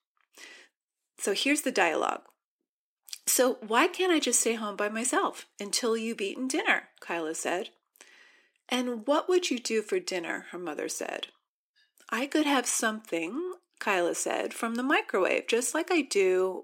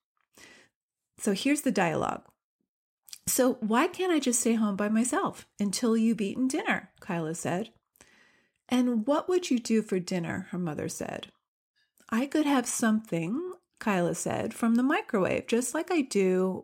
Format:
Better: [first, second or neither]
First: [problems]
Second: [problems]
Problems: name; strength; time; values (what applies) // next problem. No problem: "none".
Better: second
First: thin; somewhat; fading below 300 Hz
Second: none